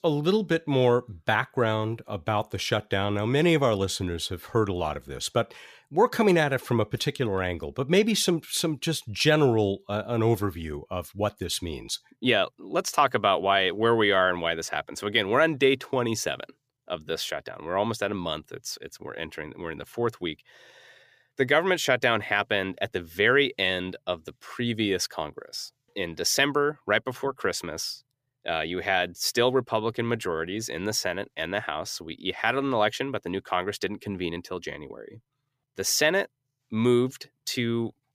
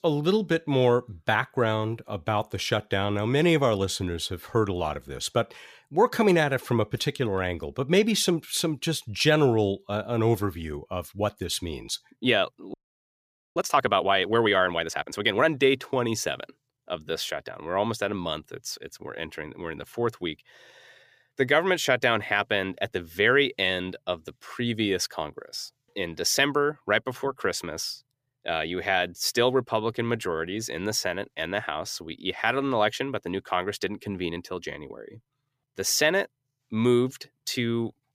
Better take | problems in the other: first | audio freezing; at 13 s for 1 s

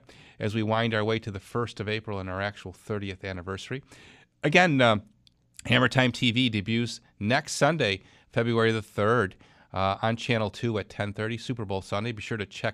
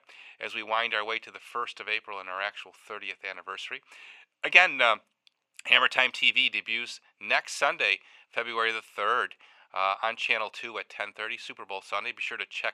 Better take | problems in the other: first | thin; very; fading below 700 Hz

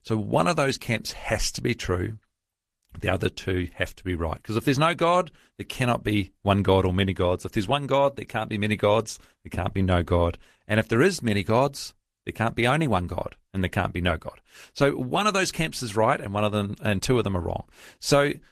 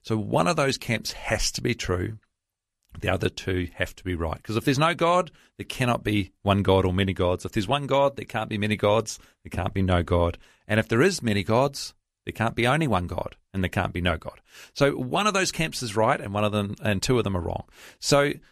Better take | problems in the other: second | garbled, watery; slightly; nothing above 14.5 kHz

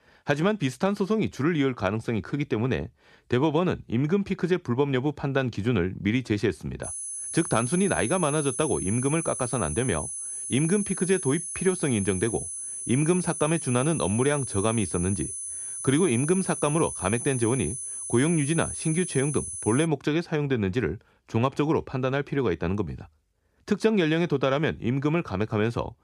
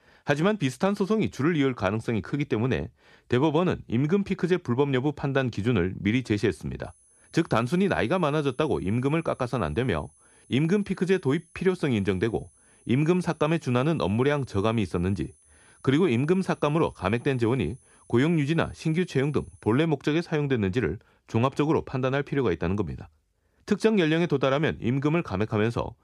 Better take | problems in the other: second | high-pitched whine; loud; from 7 to 20 s; 10 kHz, 6 dB below the speech; faint in the second

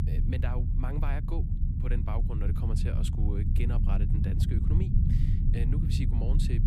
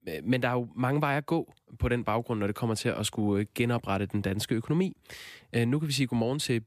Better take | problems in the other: second | low rumble; loud; throughout; as loud as the speech

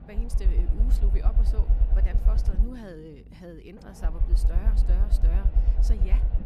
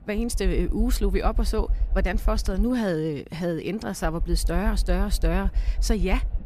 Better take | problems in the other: second | low rumble; loud; throughout; 1 dB below the speech; faint in the second

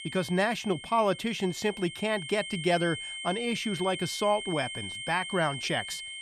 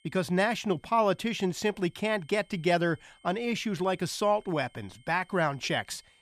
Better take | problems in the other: second | high-pitched whine; loud; throughout; 3 kHz, 8 dB below the speech; faint in the second

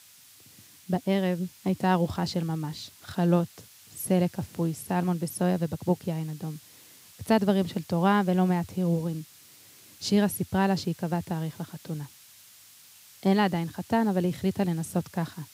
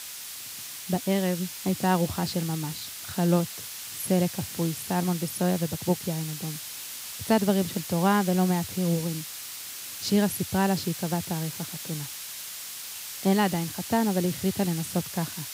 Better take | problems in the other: first | hiss; loud; throughout; 8 dB below the speech; faint in the first

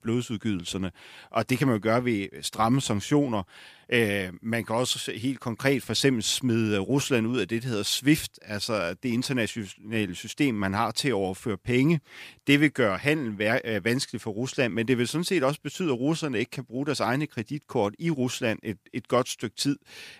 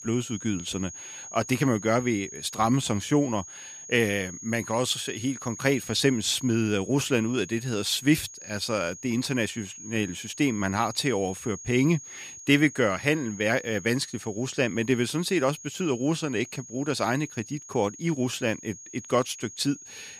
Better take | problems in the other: first | high-pitched whine; noticeable; throughout; 6.5 kHz, 15 dB below the speech

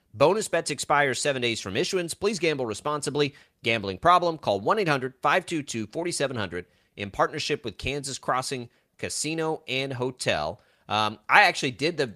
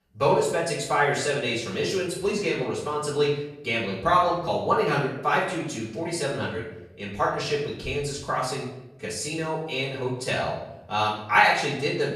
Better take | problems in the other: first | off-mic speech; far // room echo; noticeable; dies away in 0.7 s

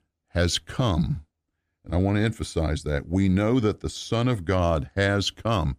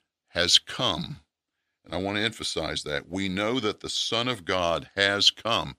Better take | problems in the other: first | thin; somewhat; fading below 600 Hz

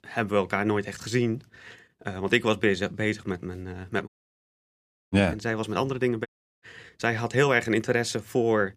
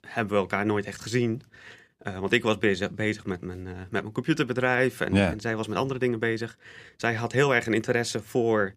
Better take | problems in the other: second | audio cutting out; at 4 s for 1 s and at 6.5 s

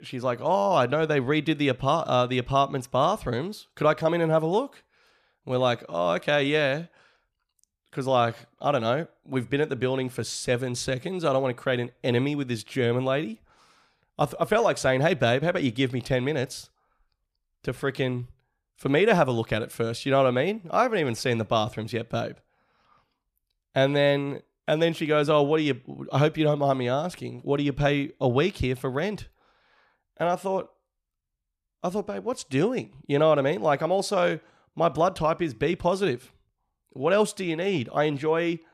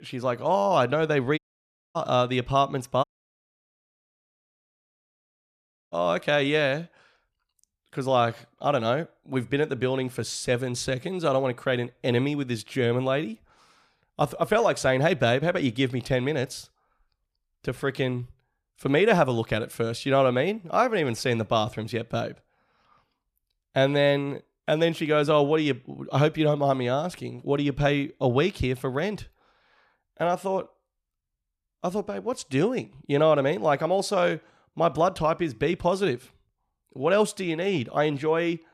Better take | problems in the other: first | audio cutting out; at 1.5 s for 0.5 s and at 3 s for 3 s

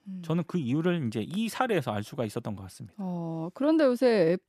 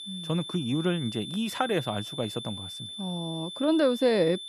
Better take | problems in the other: first | high-pitched whine; loud; throughout; 3.5 kHz, 9 dB below the speech

